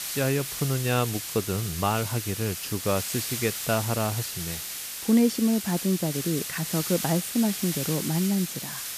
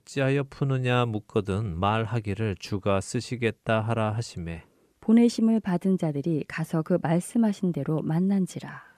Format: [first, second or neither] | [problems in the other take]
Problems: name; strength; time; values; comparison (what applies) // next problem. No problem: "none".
second | hiss; loud; throughout; 4 dB below the speech